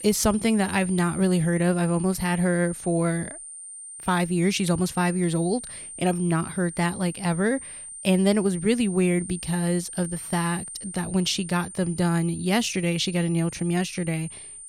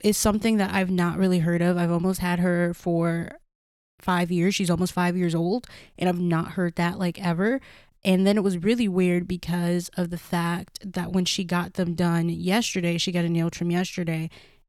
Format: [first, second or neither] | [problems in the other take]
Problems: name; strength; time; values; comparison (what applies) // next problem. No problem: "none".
second | high-pitched whine; noticeable; throughout; 9 kHz, 10 dB below the speech